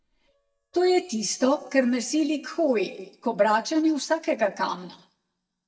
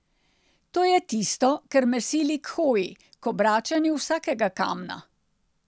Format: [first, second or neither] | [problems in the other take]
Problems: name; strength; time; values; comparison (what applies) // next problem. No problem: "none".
second | noise reduction (neural mask model DeepFilterNet 3)